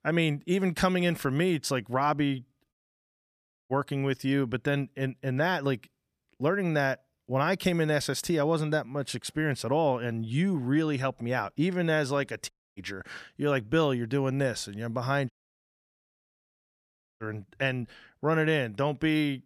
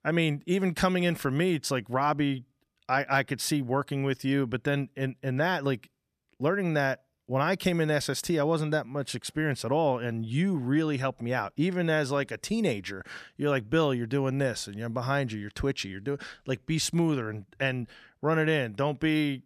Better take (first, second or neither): second